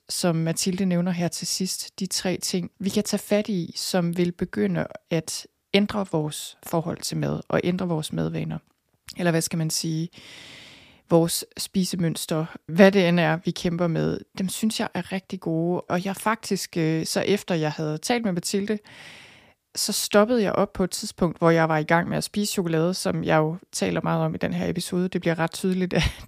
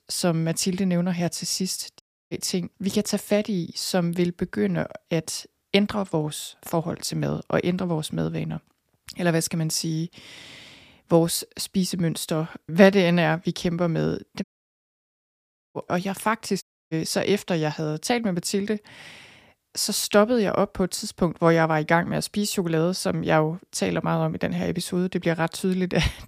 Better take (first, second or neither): first